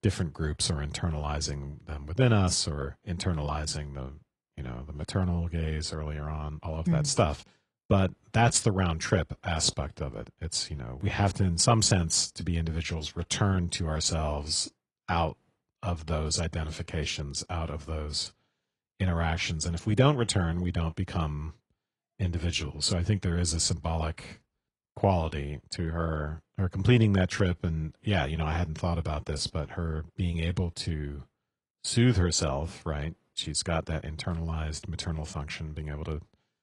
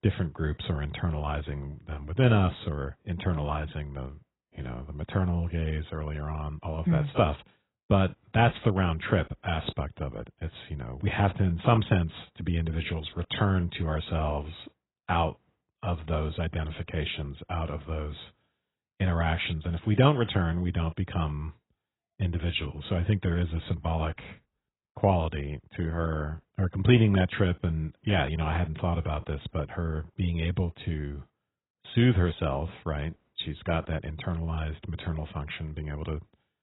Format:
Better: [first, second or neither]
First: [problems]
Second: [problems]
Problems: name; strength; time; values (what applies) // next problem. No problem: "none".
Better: first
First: garbled, watery; slightly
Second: garbled, watery; badly; nothing above 4 kHz